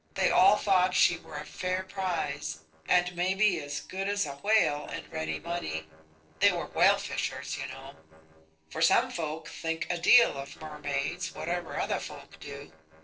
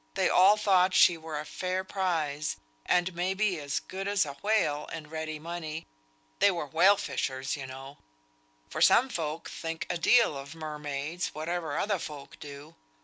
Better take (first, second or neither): second